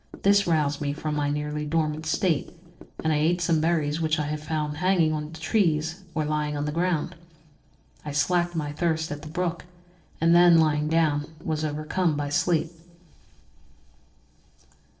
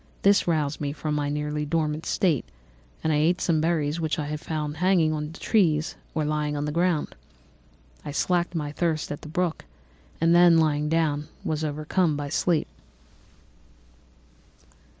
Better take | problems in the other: second | noise reduction (neural separator model SepFormer DNS4)

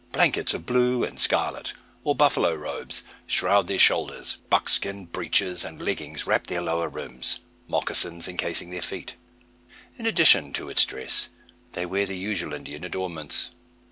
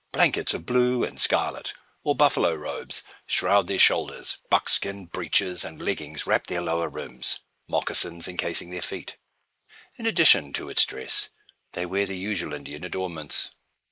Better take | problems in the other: first | noise reduction (neural mask model Resemble Enhance denoiser)

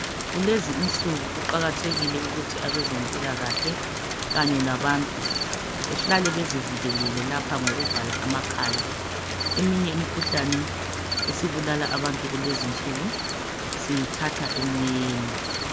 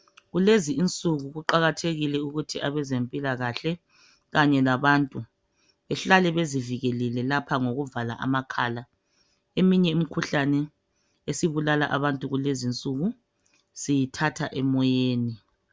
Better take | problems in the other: second | background sound (Rain + Cricket); as loud as the speech

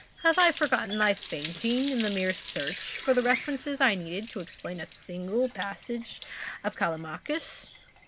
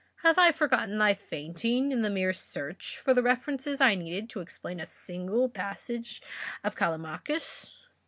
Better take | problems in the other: second | background sound (Water tap, faucet); 12 dB below the speech

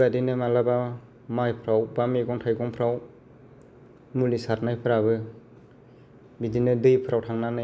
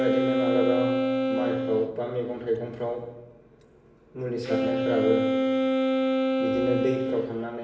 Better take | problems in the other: first | background sound (Wind instrument, woodwind instrument); 3 dB above the speech // room echo; dies away in 0.9 s

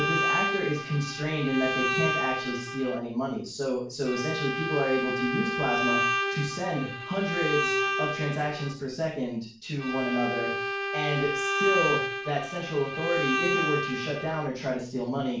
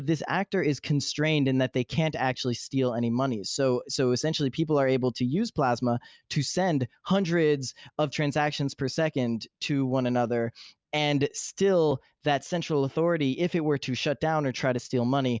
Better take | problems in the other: second | background sound (Bowed string instrument); 1 dB below the speech // room echo; dies away in 0.4 s

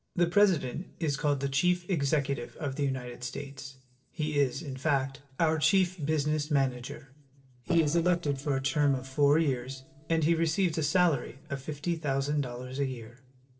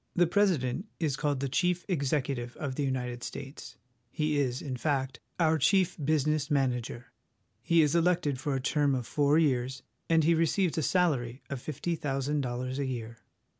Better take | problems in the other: second | noise reduction (neural separator model SepFormer DNS4)

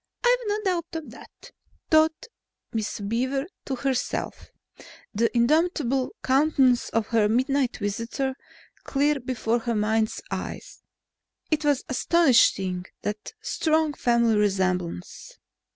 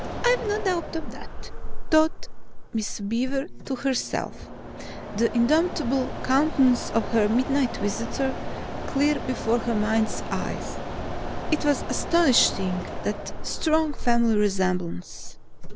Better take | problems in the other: first | background sound (Mechanisms); 4 dB below the speech

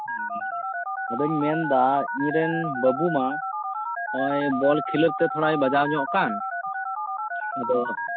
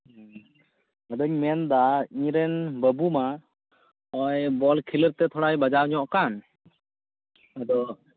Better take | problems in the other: second | noise reduction (classical method Wiener filter)

